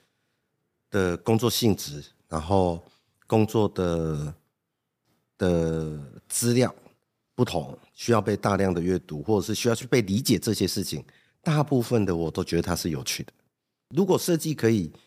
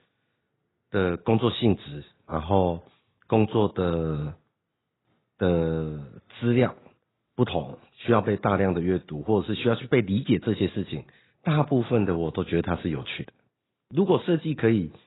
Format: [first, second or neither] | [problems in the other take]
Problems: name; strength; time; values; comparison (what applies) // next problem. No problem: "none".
first | garbled, watery; badly; nothing above 4 kHz